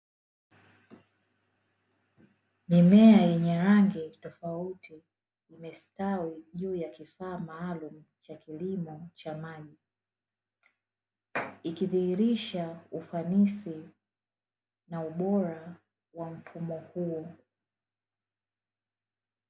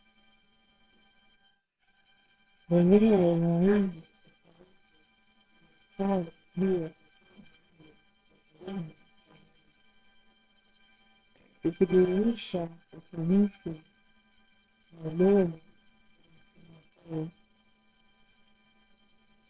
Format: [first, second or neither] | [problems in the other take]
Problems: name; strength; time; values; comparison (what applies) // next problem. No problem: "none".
first | noise reduction (neural separator model SepFormer WHAMR!)